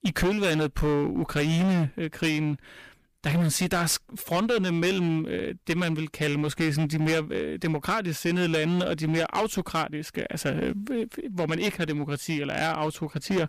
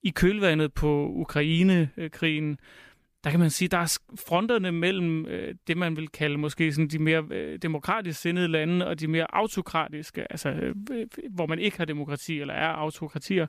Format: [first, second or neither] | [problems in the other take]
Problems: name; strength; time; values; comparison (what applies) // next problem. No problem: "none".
second | distortion; heavy; 14% of the sound clipped